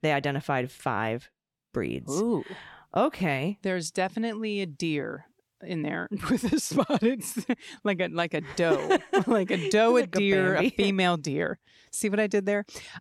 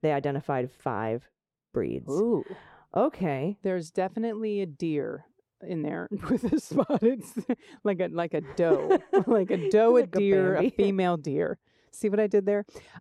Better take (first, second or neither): first